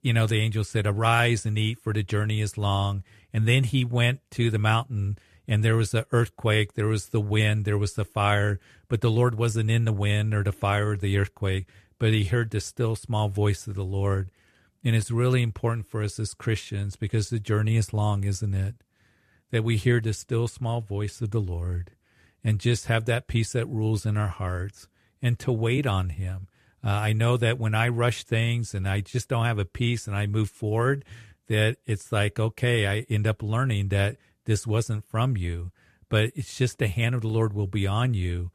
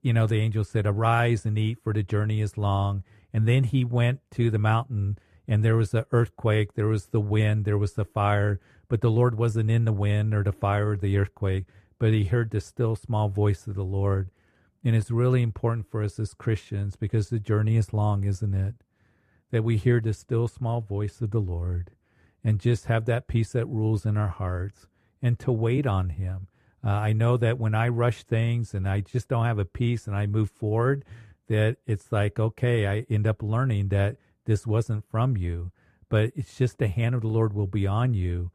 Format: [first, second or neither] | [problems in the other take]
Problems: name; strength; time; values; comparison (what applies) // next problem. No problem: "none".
first | muffled; slightly; fading above 2 kHz